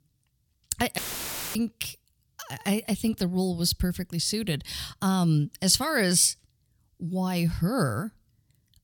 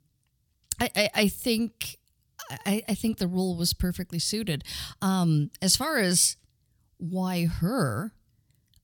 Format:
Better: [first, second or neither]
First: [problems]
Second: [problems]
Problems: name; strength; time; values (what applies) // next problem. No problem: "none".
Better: second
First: audio cutting out; filled with static; at 1 s for 0.5 s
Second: none